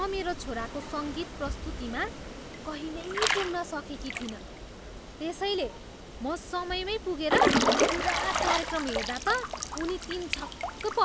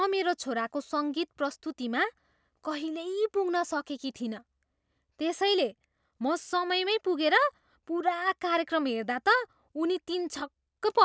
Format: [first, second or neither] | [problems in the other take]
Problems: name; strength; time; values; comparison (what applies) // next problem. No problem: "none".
second | background sound (Drip / Trickle, dribble / Water / Splash, splatter); 1 dB above the speech